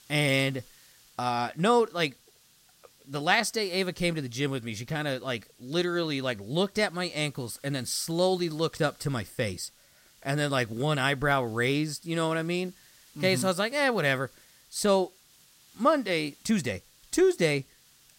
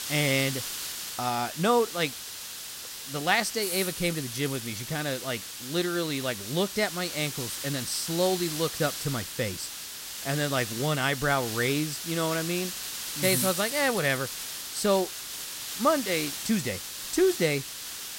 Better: first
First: hiss; faint; throughout; 30 dB below the speech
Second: hiss; loud; throughout; 5 dB below the speech

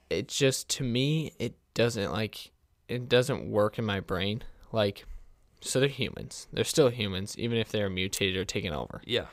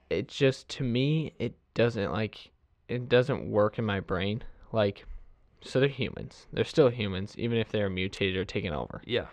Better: first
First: none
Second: muffled; slightly; fading above 3 kHz

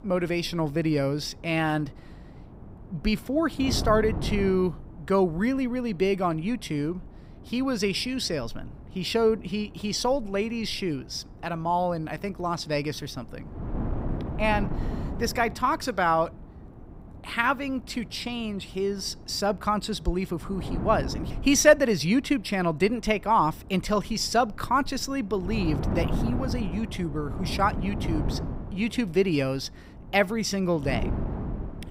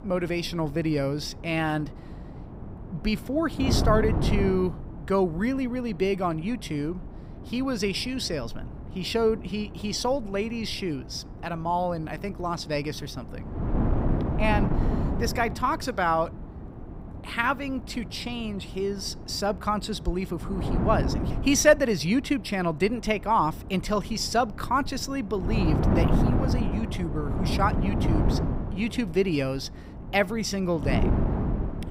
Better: first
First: wind noise on the microphone; occasional gusts; 15 dB below the speech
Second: wind noise on the microphone; heavy; 9 dB below the speech

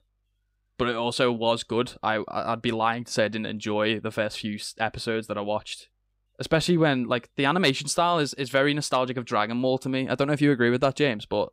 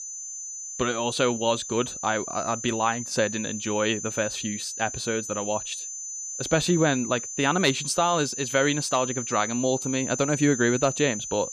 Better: first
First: none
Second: high-pitched whine; loud; throughout; 6 kHz, 6 dB below the speech

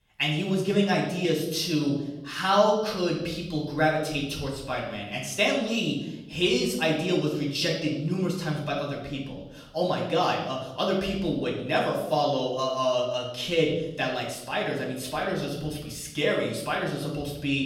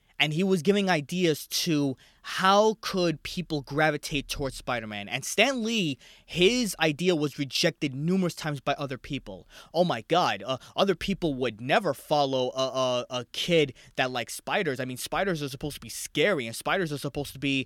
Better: second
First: room echo; noticeable; dies away in 0.8 s // off-mic speech; far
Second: none

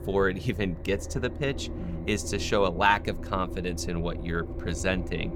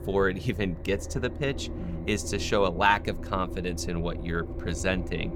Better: neither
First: low rumble; noticeable; throughout; 15 dB below the speech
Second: low rumble; noticeable; throughout; 15 dB below the speech

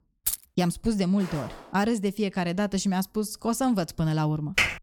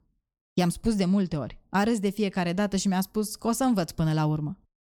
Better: second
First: jangling keys; noticeable; at 0.5 s; peak 2 dB below the speech // footsteps; faint; at 1 s; peak 15 dB below the speech // keyboard typing; loud; at 4.5 s; peak 3 dB above the speech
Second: none

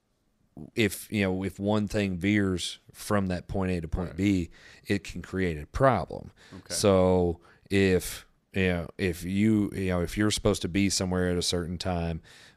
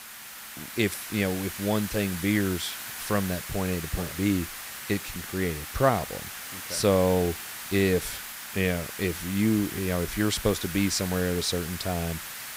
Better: first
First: none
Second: hiss; loud; throughout; 8 dB below the speech

